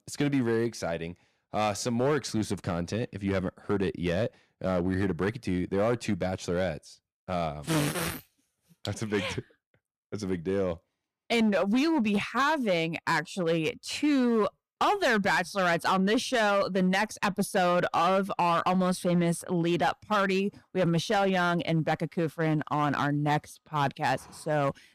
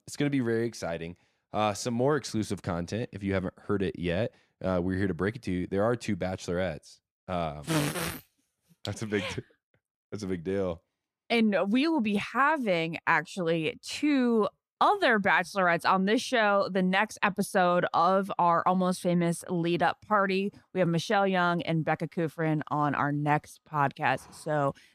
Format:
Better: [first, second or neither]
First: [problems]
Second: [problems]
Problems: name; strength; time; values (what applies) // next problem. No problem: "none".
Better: second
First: distortion; slight; 7% of the sound clipped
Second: none